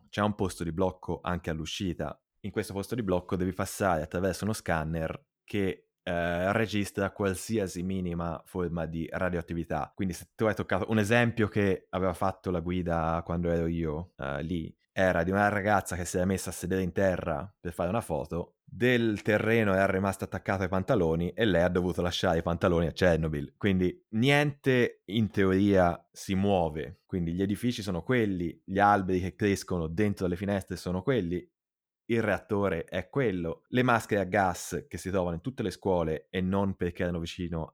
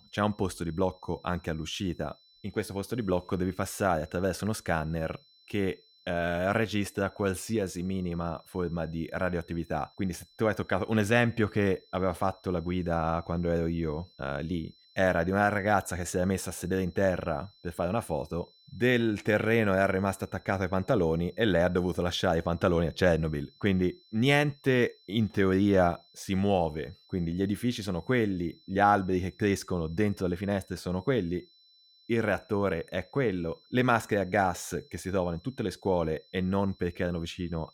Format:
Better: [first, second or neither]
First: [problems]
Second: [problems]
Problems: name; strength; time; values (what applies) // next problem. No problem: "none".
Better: first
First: none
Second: high-pitched whine; faint; throughout; 4 kHz, 30 dB below the speech